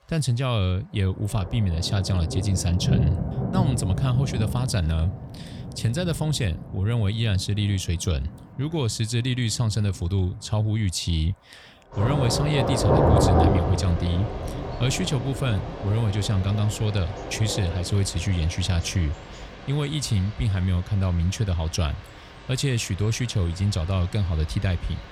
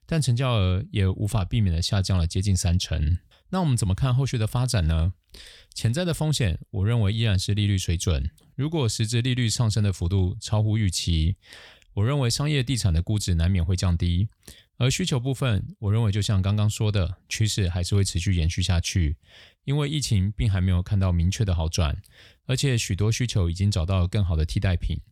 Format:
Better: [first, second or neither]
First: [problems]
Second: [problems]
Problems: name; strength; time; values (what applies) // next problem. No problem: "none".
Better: second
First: rain or running water; loud; throughout; 3 dB below the speech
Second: none